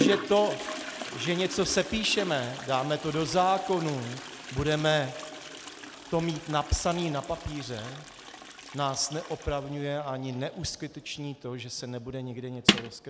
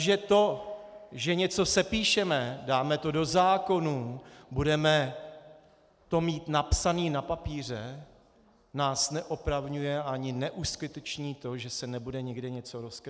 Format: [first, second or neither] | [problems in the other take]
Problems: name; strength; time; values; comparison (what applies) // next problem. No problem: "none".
second | background sound (Toilet flush); 6 dB below the speech